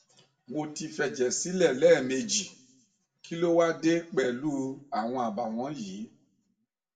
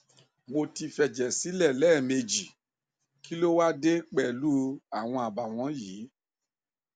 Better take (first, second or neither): second